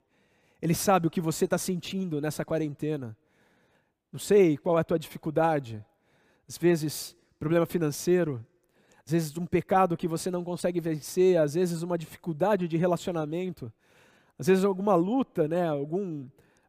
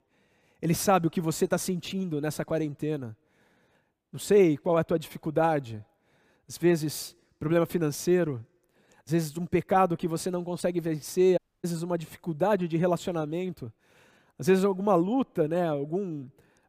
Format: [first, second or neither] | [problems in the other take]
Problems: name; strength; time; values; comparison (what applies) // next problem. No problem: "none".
first | audio cutting out; at 11 s